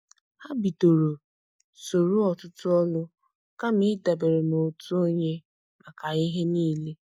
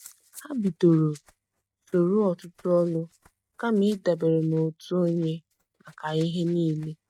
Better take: first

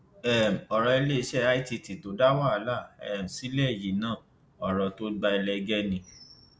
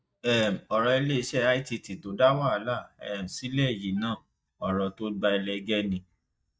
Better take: first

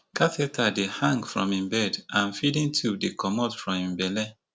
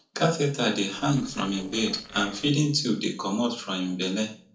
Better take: first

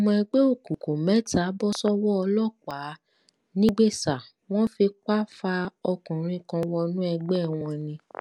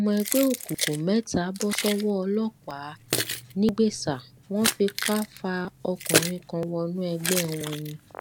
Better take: first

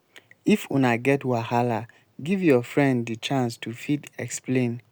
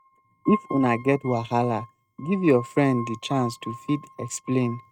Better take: first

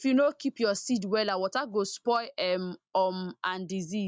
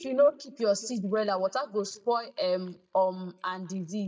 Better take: first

